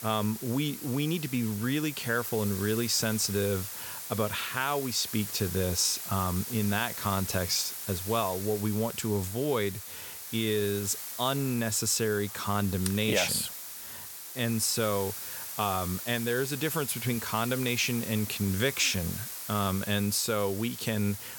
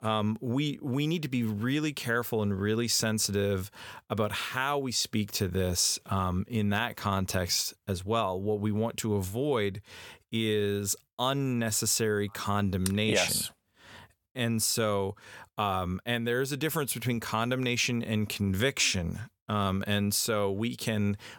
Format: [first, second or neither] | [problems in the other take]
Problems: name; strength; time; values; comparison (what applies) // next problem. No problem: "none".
second | hiss; loud; throughout; 7 dB below the speech